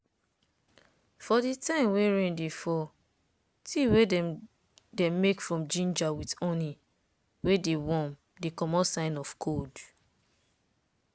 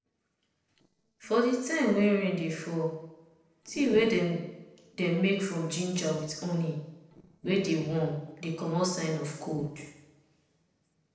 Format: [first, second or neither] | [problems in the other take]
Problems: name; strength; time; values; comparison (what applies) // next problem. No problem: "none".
first | noise reduction (neural separator model SepFormer DNS4)